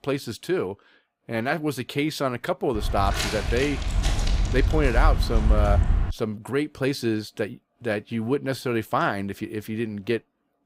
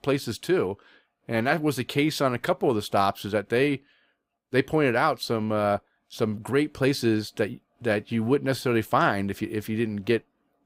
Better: second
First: footsteps; loud; from 3 to 6 s; peak 5 dB above the speech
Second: none

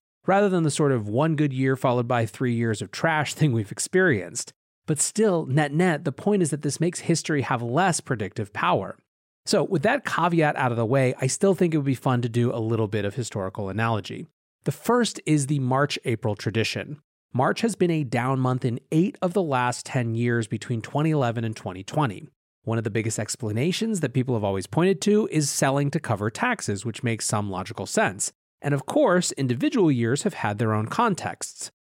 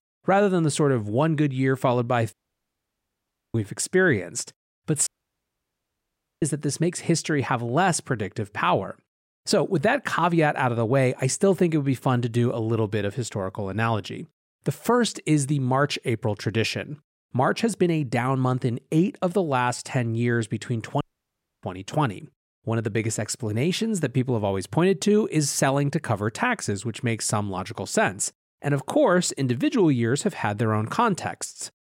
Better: first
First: none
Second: audio cutting out; at 2.5 s for 1 s, at 5 s for 1.5 s and at 21 s for 0.5 s

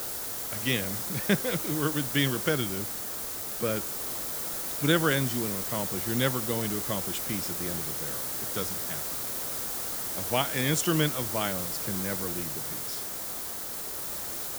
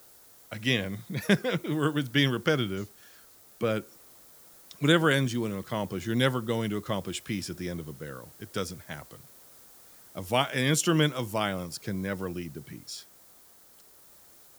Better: second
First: hiss; loud; throughout; as loud as the speech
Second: hiss; faint; throughout; 20 dB below the speech

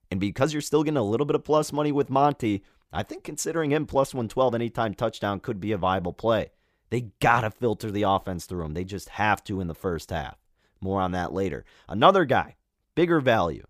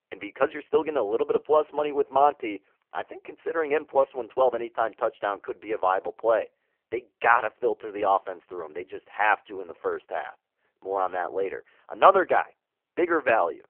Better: first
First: none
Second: phone-call audio; poor line

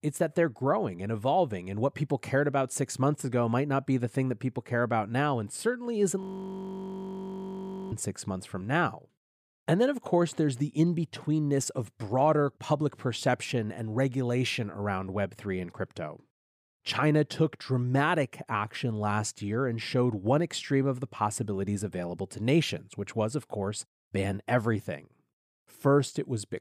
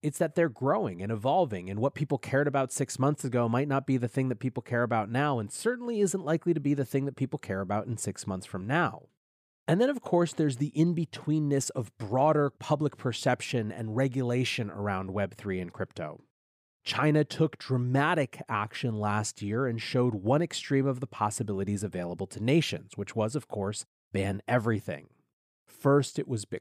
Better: second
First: audio freezing; at 6 s for 1.5 s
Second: none

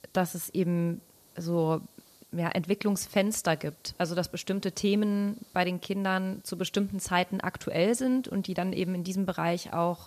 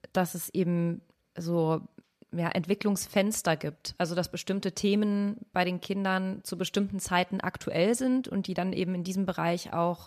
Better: second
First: hiss; faint; throughout; 25 dB below the speech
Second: none

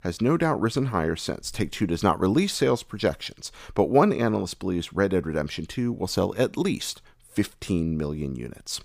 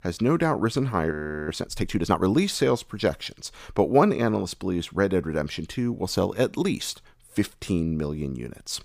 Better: first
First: none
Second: audio freezing; at 1 s

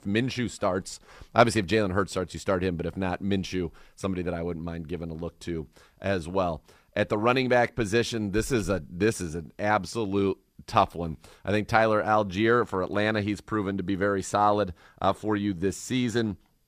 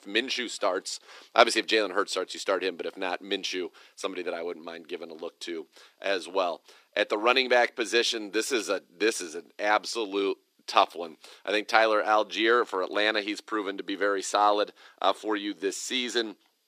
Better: first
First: none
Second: thin; somewhat; fading below 300 Hz

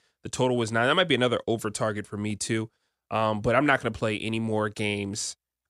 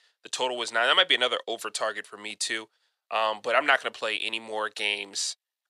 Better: first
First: none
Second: thin; very; fading below 700 Hz

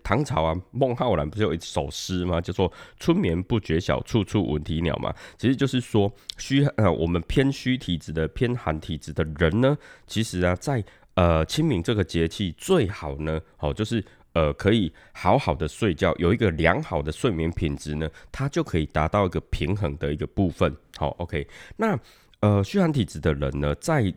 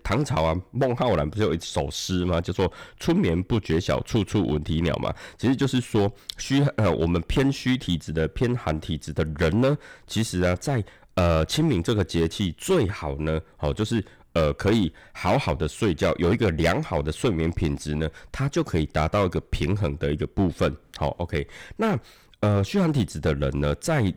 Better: first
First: none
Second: distortion; slight; 6% of the sound clipped

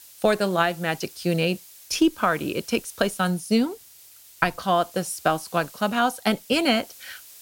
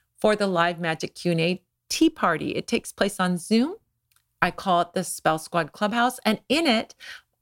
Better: second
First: hiss; faint; throughout; 20 dB below the speech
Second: none

